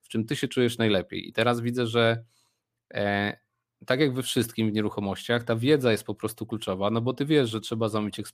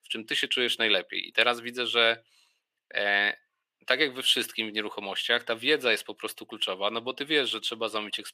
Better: first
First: none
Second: thin; somewhat; fading below 450 Hz

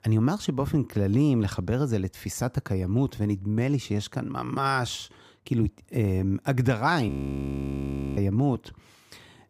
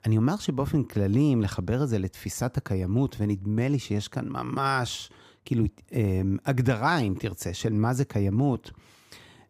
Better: second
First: audio freezing; at 7 s for 1 s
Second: none

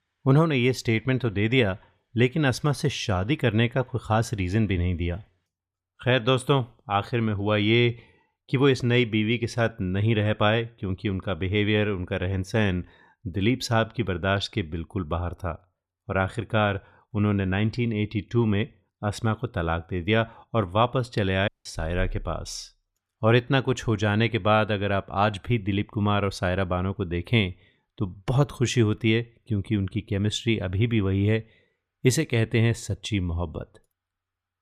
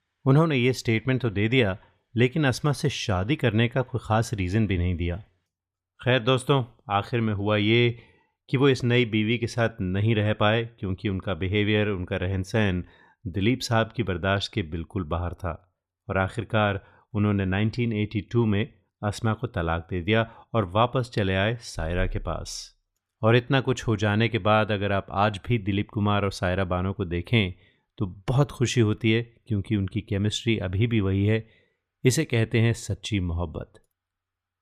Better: second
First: audio cutting out; at 21 s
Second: none

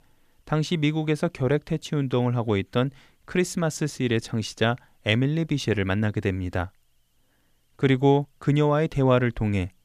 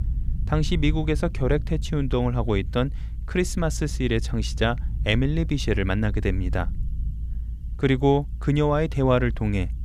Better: first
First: none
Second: low rumble; faint; throughout; 20 dB below the speech

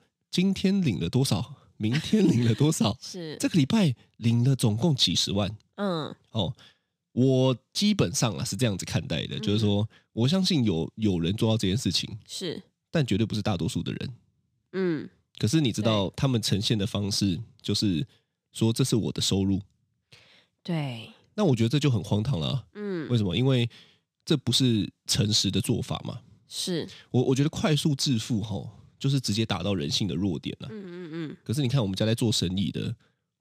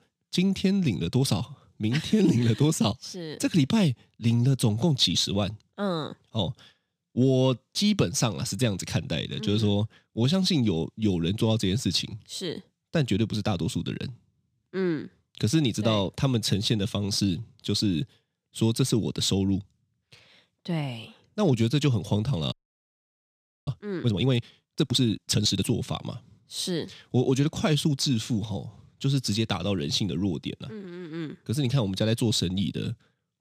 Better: first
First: none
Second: audio freezing; at 23 s for 1 s

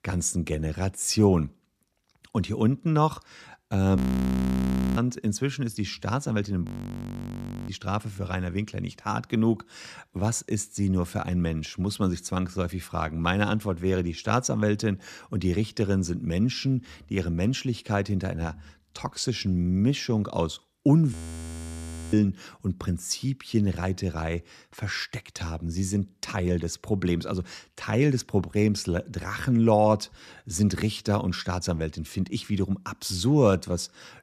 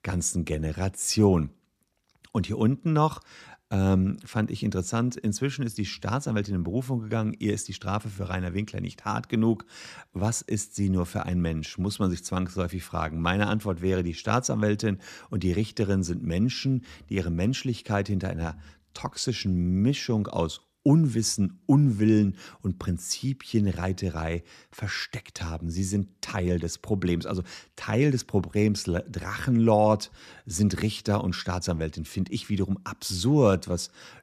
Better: second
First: audio freezing; at 4 s for 1 s, at 6.5 s for 1 s and at 21 s for 1 s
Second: none

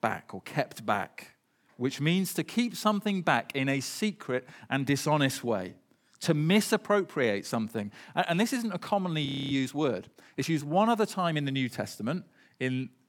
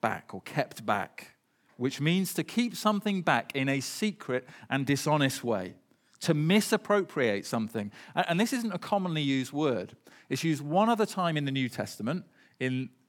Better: second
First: audio freezing; at 9.5 s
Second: none

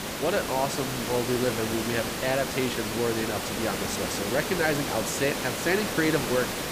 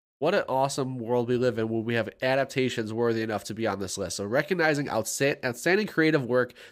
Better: second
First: hiss; loud; throughout; 2 dB below the speech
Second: none

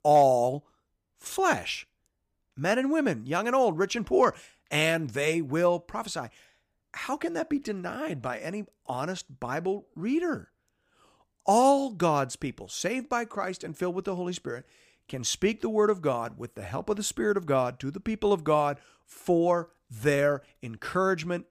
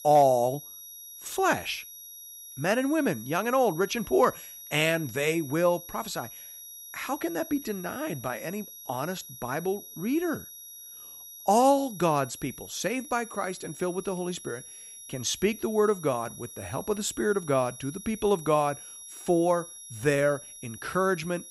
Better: first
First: none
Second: high-pitched whine; noticeable; throughout; 11.5 kHz, 15 dB below the speech

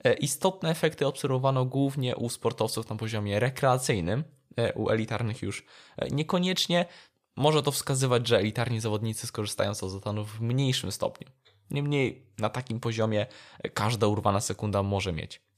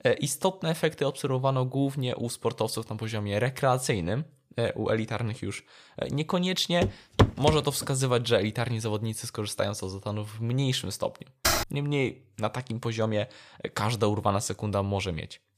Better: first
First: none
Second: footsteps; loud; at 7 s; peak 4 dB above the speech // keyboard typing; loud; at 11 s; peak 3 dB above the speech

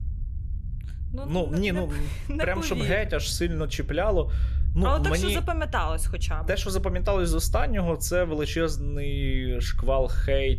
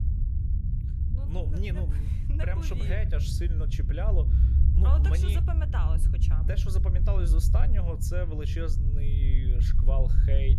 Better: first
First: low rumble; faint; throughout; 20 dB below the speech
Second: low rumble; loud; throughout; 4 dB below the speech

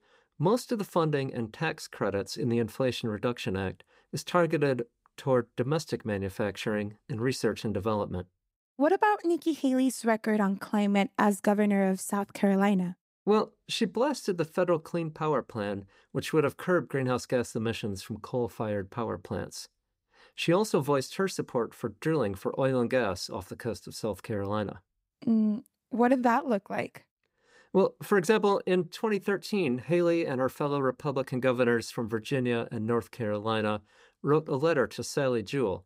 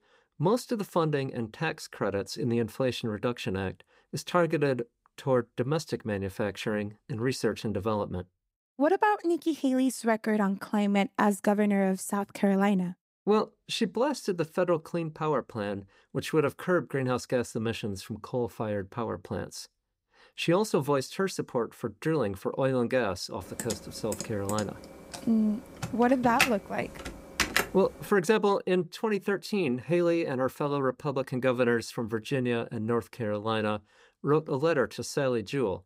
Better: first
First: none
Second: keyboard typing; loud; from 24 to 28 s; peak 2 dB above the speech

